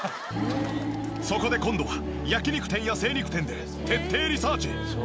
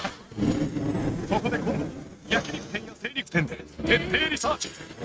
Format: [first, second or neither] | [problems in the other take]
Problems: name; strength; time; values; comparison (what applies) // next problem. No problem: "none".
first | noise reduction (neural mask model RNNoise)